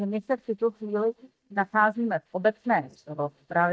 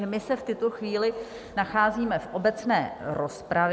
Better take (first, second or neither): second